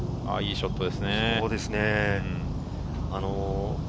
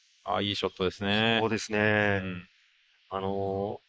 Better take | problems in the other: first | noise reduction (neural mask model Resemble Enhance denoiser)

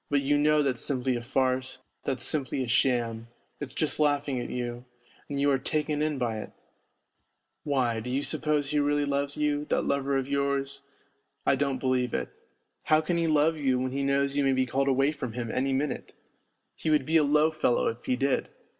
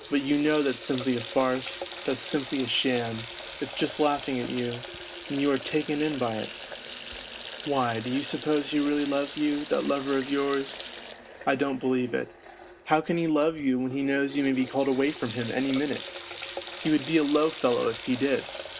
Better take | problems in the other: first | background sound (Water tap, faucet); 13 dB below the speech

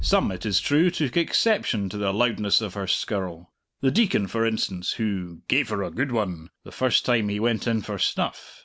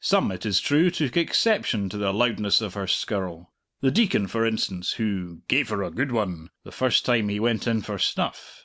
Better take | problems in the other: second | background sound (Bass drum); 19 dB below the speech

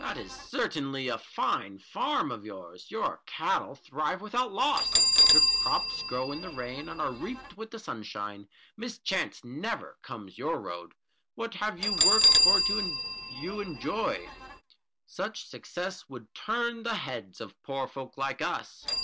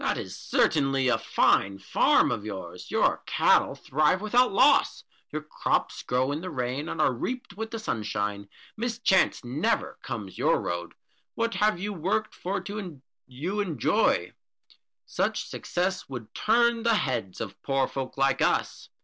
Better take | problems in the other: second | background sound (Bell); 2 dB above the speech

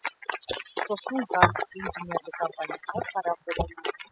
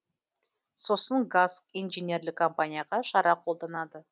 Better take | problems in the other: second | noise reduction (classical method spectral subtraction)

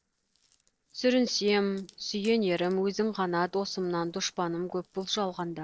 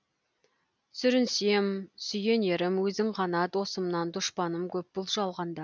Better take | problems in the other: second | noise reduction (neural separator model SepFormer DNS4)

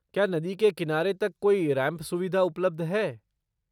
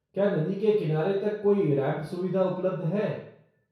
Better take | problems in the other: first | room echo; dies away in 0.6 s

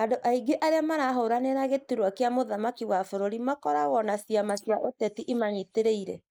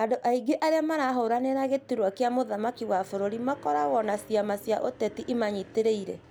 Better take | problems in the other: second | noise reduction (neural mask model Resemble Enhance denoiser)

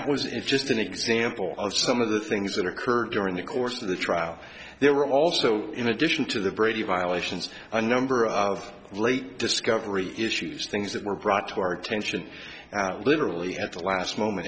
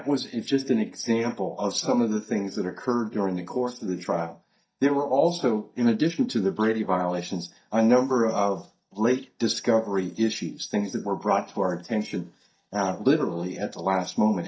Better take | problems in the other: first | noise reduction (neural mask model DeepFilterNet 3)

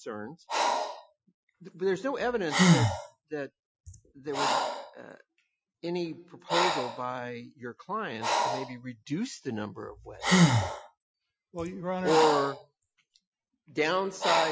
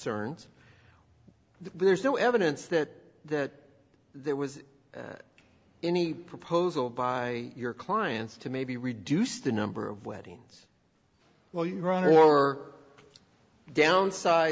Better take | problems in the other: second | noise reduction (classical method Wiener filter)

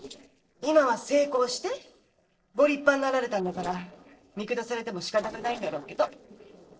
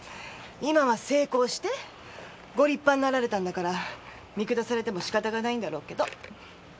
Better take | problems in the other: second | noise reduction (neural separator model SepFormer DNS4)

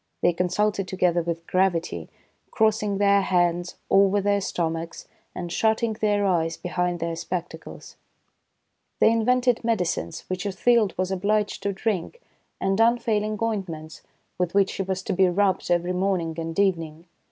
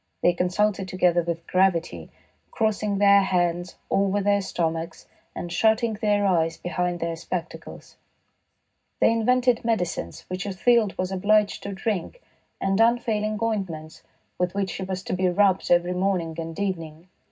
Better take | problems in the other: first | room echo; dies away in 0.4 s

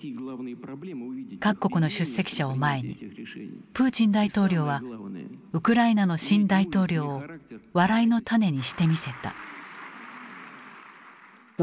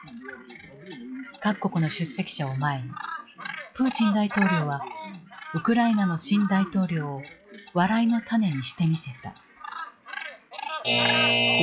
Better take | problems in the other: first | noise reduction (classical method log-MMSE)

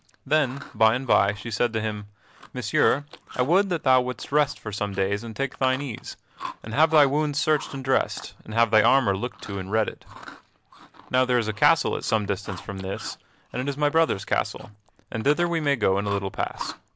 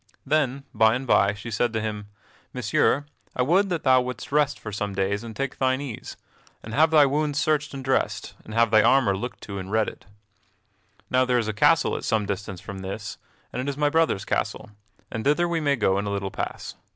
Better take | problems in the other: second | background sound (Chewing, mastication); 18 dB below the speech

